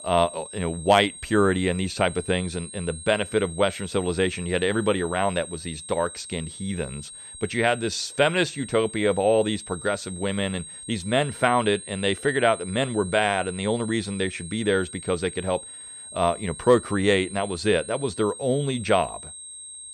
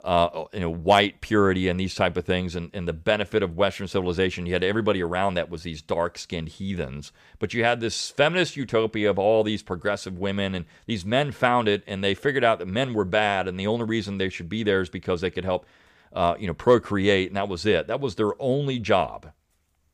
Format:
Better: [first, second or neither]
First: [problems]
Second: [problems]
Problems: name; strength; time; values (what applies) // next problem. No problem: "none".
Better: second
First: high-pitched whine; noticeable; throughout; 8.5 kHz, 15 dB below the speech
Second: none